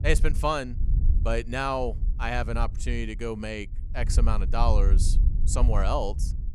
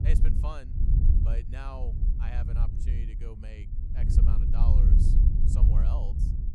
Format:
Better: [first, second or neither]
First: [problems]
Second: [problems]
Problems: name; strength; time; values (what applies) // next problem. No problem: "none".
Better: first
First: wind noise on the microphone; occasional gusts; 15 dB below the speech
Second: wind noise on the microphone; heavy; 1 dB above the speech